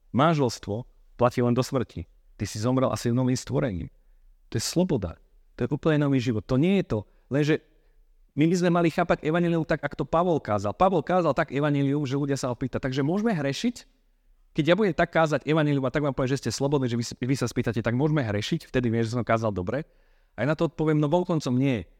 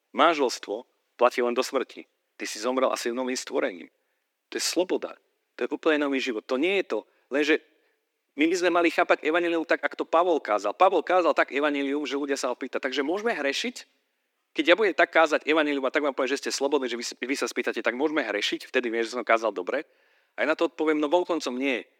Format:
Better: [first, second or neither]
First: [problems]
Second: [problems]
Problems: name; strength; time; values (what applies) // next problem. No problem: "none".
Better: first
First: none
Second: thin; somewhat; fading below 300 Hz